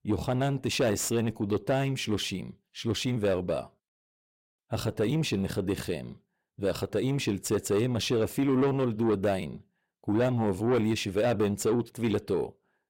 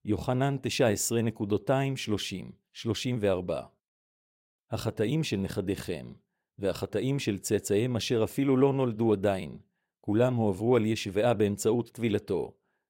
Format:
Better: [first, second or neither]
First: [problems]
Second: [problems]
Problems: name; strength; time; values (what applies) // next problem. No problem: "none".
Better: second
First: distortion; slight; 10 dB below the speech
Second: none